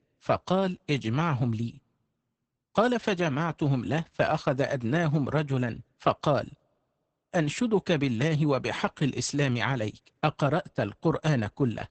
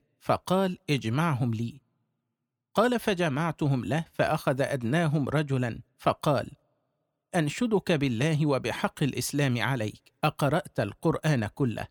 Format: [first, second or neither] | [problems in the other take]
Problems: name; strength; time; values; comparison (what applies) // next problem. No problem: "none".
second | garbled, watery; badly; nothing above 8 kHz